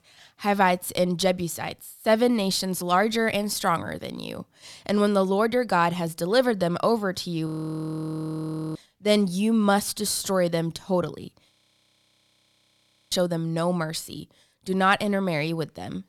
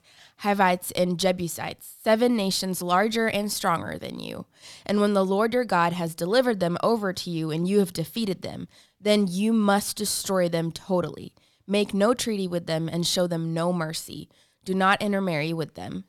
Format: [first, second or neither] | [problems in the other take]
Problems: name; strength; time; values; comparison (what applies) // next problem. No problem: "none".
second | audio freezing; at 7.5 s for 1.5 s and at 12 s for 1.5 s